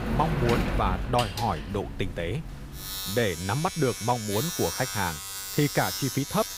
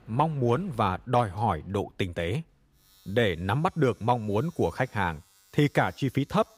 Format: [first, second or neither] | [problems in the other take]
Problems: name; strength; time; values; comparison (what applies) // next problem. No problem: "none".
second | household noises; loud; throughout; 4 dB below the speech; faint in the second